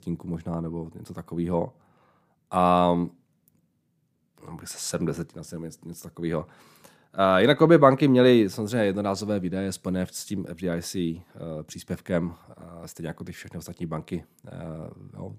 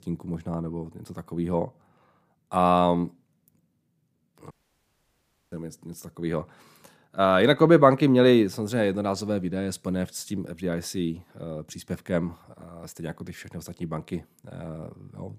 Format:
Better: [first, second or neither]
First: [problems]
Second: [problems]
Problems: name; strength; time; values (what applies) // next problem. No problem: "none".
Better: first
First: none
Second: audio cutting out; at 4.5 s for 1 s